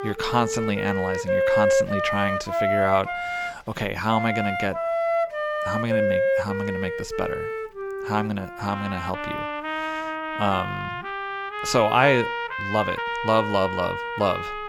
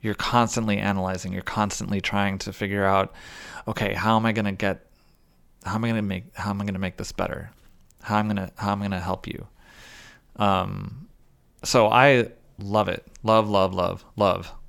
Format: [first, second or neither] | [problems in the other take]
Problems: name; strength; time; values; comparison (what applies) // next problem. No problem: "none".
second | background music; loud; throughout; 1 dB below the speech